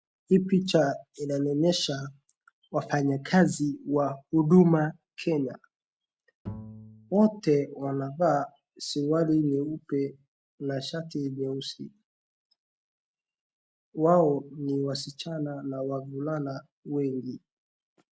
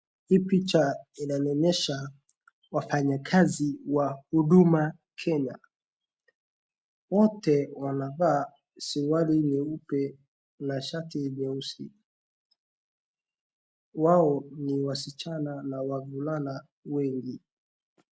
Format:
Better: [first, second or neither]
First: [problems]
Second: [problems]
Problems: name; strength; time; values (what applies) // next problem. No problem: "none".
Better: second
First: background sound (Bowed string instrument); 16 dB below the speech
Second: none